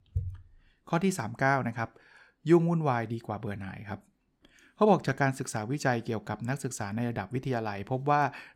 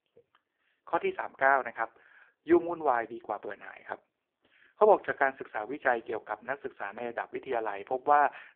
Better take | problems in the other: first | phone-call audio; poor line

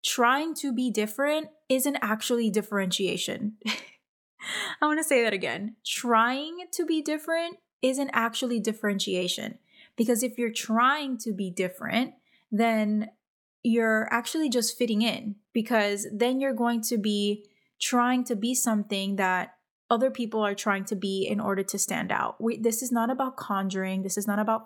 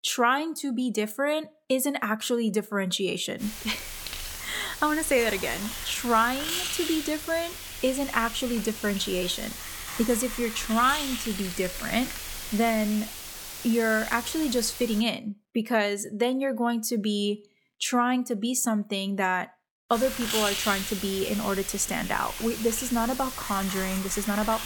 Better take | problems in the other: first | hiss; loud; from 3.5 to 15 s and from 20 s on; 6 dB below the speech

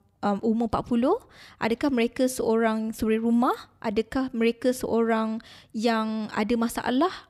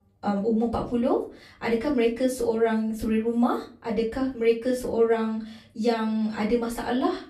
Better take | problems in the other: first | off-mic speech; far // room echo; slight; dies away in 0.3 s

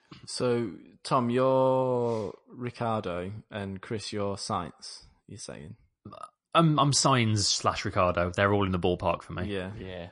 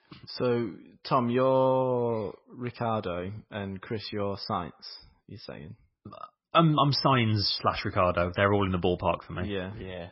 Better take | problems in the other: first | garbled, watery; badly; nothing above 5.5 kHz; slightly in the first

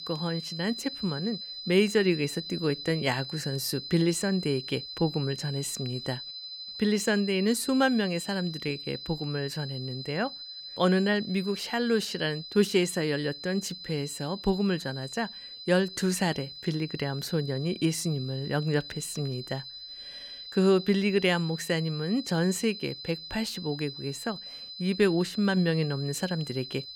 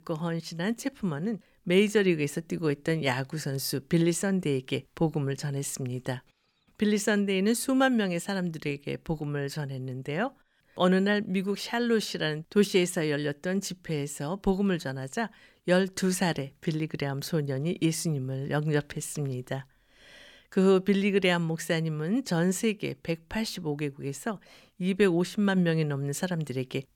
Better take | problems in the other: second | high-pitched whine; loud; throughout; 4 kHz, 10 dB below the speech

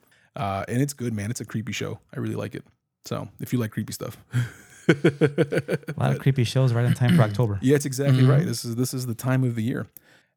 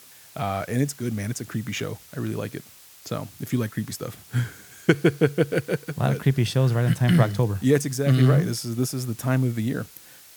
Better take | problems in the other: first | hiss; faint; throughout; 20 dB below the speech

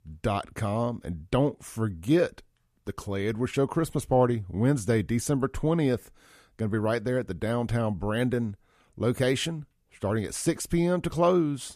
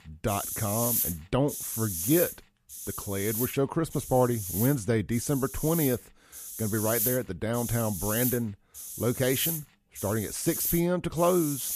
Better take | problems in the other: first | hiss; loud; throughout; 3 dB below the speech

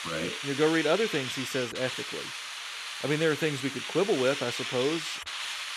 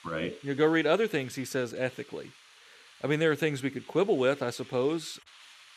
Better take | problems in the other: second | hiss; loud; throughout; 5 dB below the speech; faint in the second

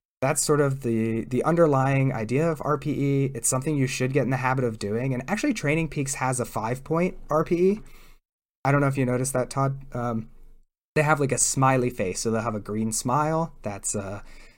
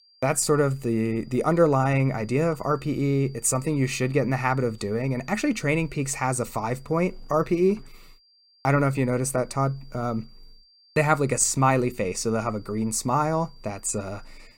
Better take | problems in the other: first | high-pitched whine; faint; throughout; 4.5 kHz, 30 dB below the speech

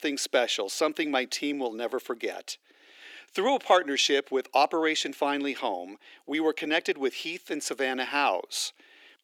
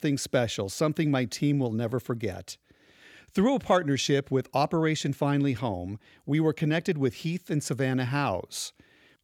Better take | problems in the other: second | thin; somewhat; fading below 300 Hz

